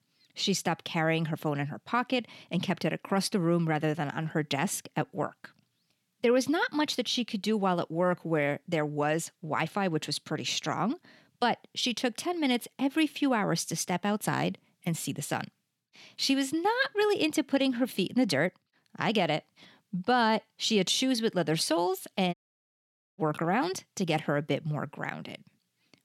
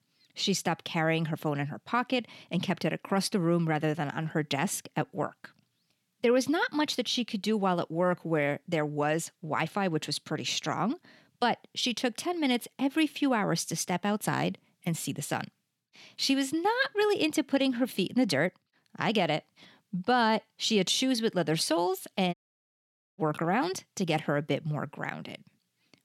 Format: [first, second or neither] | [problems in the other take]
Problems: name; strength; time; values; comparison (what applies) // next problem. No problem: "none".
neither | audio cutting out; at 22 s for 1 s; the same in both